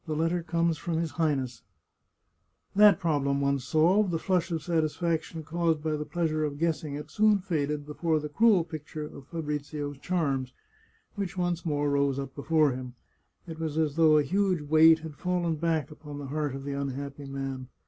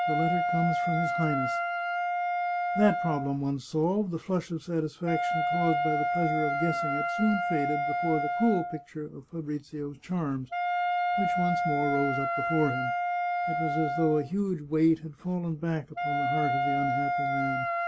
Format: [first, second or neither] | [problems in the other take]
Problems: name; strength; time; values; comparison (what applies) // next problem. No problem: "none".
first | background sound (Wind instrument, woodwind instrument); as loud as the speech